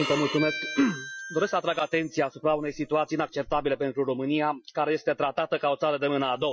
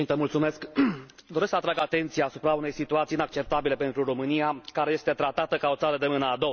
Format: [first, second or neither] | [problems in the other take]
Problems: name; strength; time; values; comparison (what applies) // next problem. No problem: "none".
second | noise reduction (classical method Wiener filter)